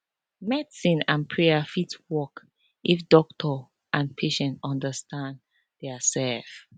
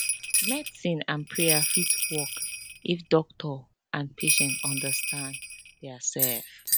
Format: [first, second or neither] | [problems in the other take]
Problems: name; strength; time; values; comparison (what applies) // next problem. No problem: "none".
first | background sound (Bell); 2 dB above the speech